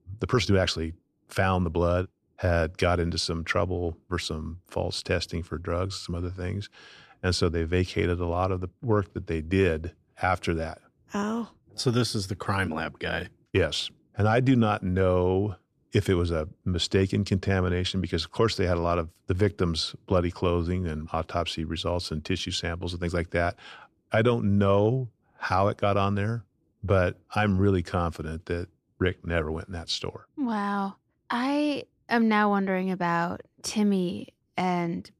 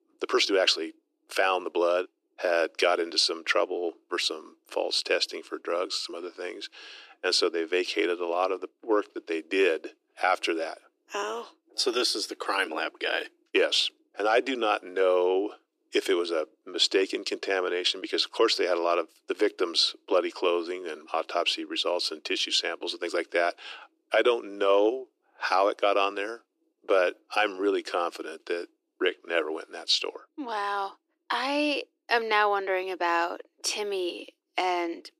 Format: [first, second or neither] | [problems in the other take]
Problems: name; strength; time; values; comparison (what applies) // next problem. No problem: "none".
first | thin; very; fading below 300 Hz